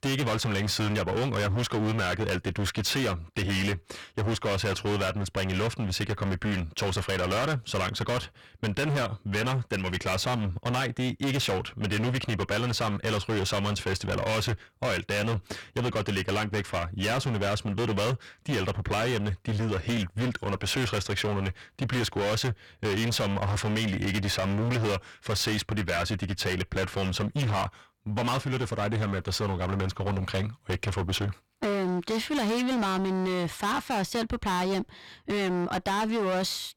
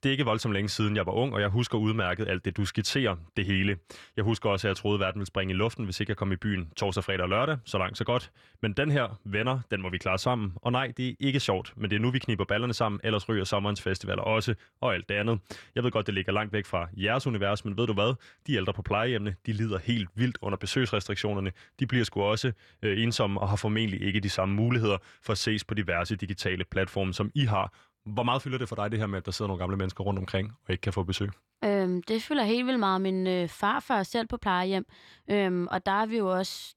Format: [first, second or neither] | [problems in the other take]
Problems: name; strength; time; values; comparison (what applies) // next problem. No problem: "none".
second | distortion; heavy; 29% of the sound clipped